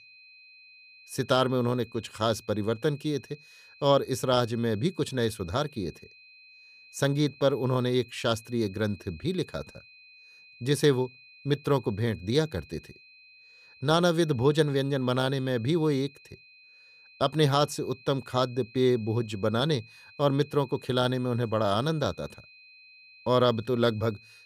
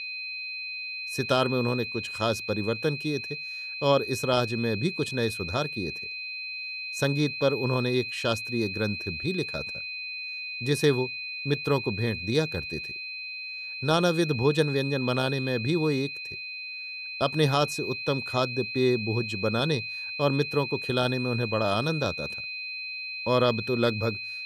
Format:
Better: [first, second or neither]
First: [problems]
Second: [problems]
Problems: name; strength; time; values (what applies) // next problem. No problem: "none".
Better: first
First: high-pitched whine; faint; throughout; 2.5 kHz, 25 dB below the speech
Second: high-pitched whine; loud; throughout; 2.5 kHz, 5 dB below the speech